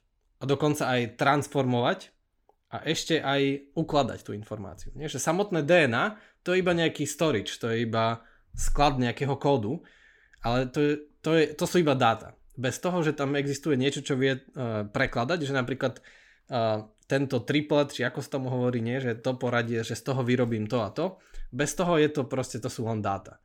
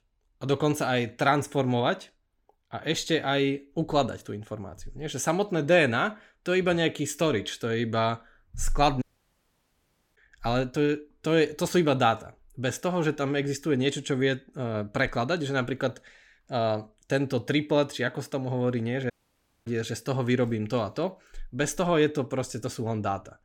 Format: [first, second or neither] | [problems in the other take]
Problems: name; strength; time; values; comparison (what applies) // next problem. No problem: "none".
first | audio cutting out; at 9 s for 1 s and at 19 s for 0.5 s